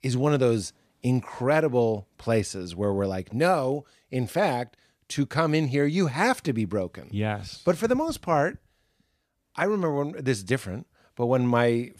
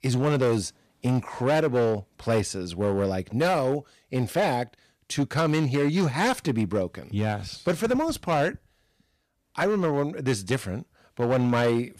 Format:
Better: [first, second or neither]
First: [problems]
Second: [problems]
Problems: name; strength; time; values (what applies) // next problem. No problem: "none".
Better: first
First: none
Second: distortion; slight; 9% of the sound clipped